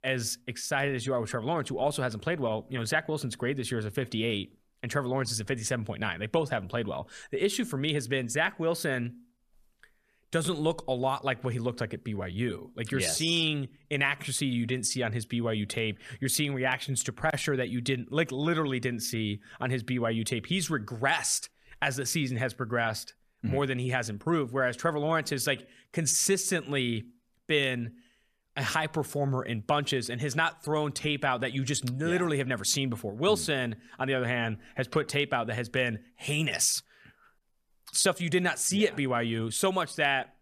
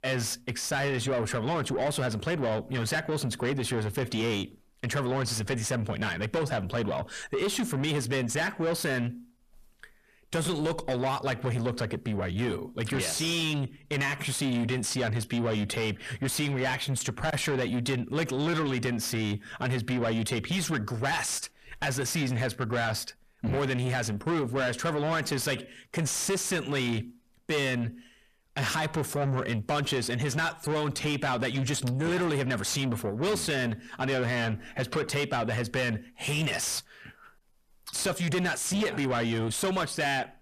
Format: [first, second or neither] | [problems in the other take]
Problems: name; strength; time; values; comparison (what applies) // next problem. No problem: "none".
first | distortion; heavy; 7 dB below the speech